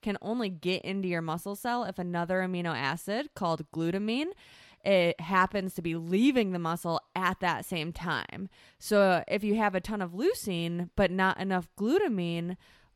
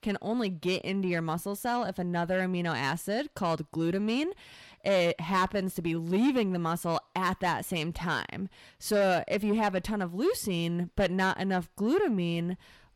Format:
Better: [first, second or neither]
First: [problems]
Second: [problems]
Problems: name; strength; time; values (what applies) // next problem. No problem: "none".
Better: first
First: none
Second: distortion; slight; 10 dB below the speech